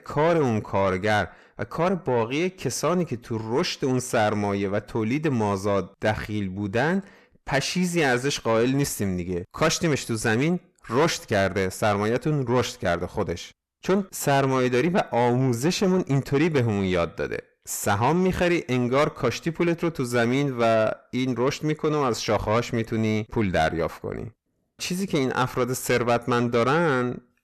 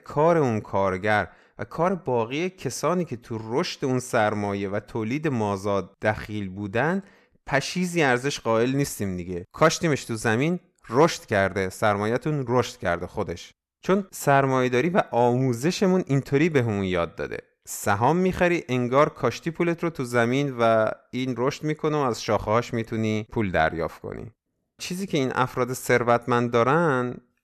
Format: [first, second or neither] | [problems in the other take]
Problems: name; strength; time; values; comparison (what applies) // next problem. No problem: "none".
second | distortion; slight; 10 dB below the speech